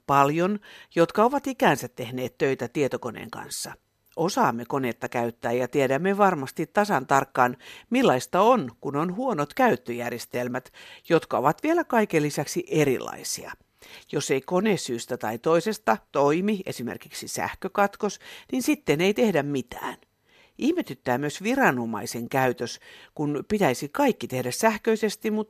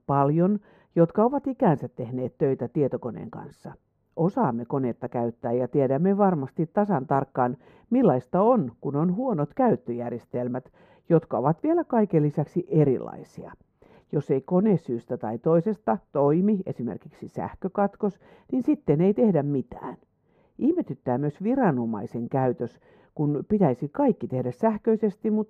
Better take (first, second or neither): first